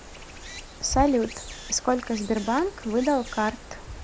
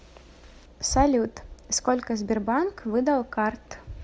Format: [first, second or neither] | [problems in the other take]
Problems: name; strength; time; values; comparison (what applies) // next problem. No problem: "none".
second | background sound (Stream); 15 dB below the speech